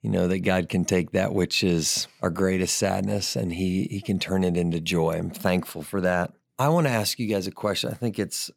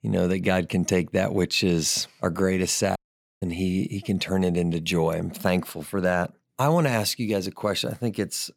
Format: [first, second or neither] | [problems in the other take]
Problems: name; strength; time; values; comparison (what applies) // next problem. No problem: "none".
first | audio cutting out; at 3 s